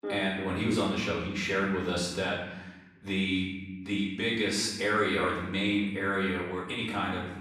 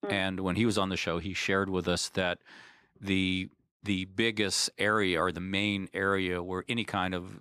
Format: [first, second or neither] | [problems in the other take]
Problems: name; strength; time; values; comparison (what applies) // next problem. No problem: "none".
second | off-mic speech; far // room echo; noticeable; dies away in 1 s